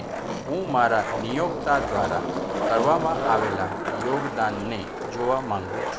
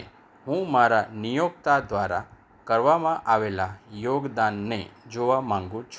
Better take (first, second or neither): second